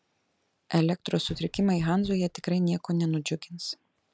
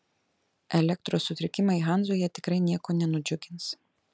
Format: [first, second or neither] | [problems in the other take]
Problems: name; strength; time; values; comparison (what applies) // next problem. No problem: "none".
second | background sound (Knock); 19 dB below the speech